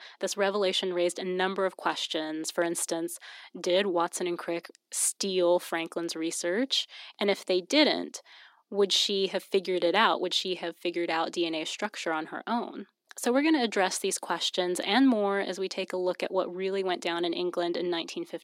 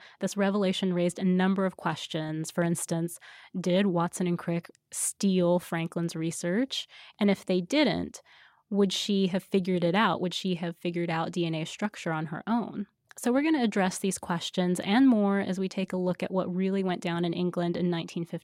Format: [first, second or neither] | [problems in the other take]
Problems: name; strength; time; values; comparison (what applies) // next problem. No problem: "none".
second | thin; somewhat; fading below 250 Hz